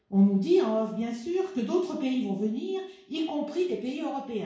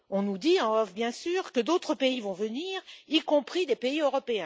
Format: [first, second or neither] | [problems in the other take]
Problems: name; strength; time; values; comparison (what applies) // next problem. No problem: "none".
second | room echo; dies away in 0.6 s